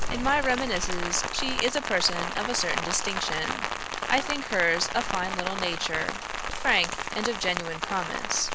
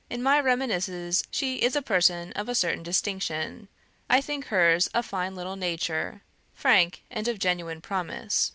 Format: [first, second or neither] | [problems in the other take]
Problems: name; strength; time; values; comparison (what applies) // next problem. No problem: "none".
second | background sound (Rain); 2 dB below the speech